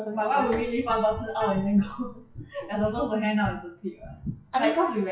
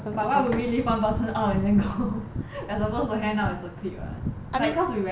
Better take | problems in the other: second | noise reduction (classical method WPE with log-MMSE)

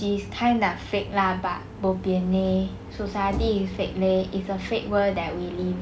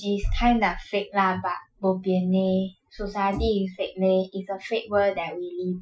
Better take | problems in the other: first | noise reduction (classical method Wiener filter)

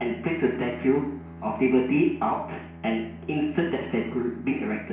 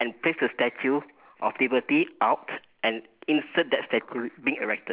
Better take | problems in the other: second | background sound (Bowed string instrument); 16 dB below the speech // room echo; dies away in 0.6 s

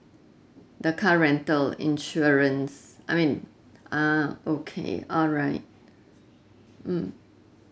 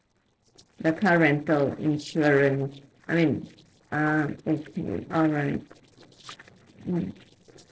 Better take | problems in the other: first | noise reduction (neural separator model SepFormer DNS4)

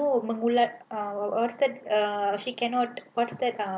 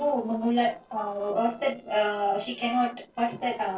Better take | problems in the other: first | noise reduction (neural separator model SepFormer DNS4)

